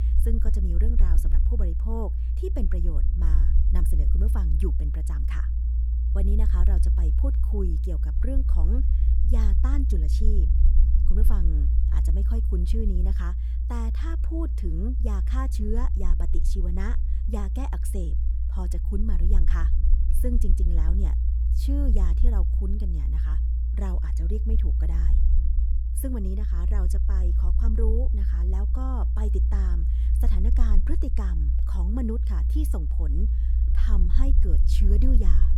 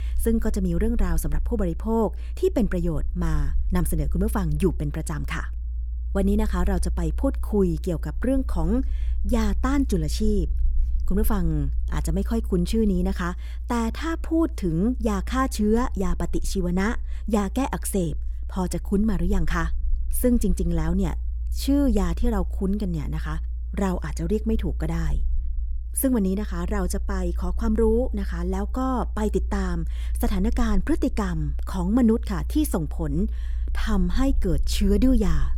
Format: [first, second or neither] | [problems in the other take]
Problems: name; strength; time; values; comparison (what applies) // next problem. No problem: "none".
second | low rumble; loud; throughout; 4 dB below the speech; faint in the second